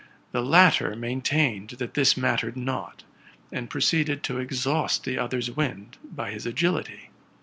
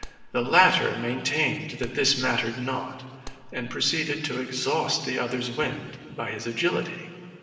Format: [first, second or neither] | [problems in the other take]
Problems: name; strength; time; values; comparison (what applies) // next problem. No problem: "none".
first | background sound (Clapping); 16 dB below the speech // room echo; dies away in 2 s